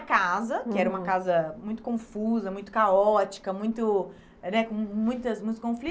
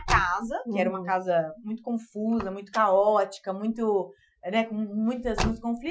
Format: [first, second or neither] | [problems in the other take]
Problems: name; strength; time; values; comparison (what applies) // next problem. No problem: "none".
first | noise reduction (classical method Wiener filter)